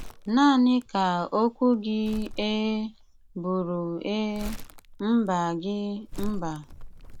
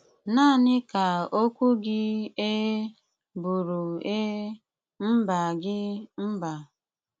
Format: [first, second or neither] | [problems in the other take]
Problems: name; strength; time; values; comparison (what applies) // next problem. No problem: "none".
second | background sound (Crumpling, crinkling); 13 dB below the speech